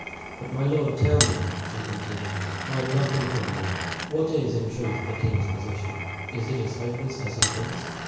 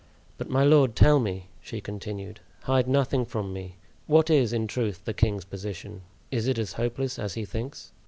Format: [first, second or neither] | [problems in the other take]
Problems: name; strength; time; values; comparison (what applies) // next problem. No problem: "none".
second | background sound (Glass); 5 dB below the speech // room echo; dies away in 1 s